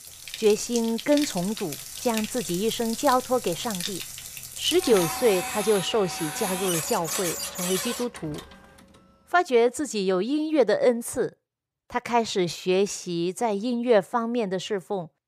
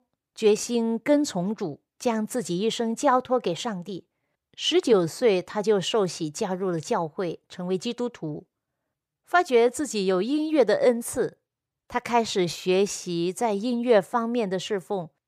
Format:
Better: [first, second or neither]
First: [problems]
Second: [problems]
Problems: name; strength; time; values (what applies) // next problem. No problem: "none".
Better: second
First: household noises; loud; until 9 s; 6 dB below the speech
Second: none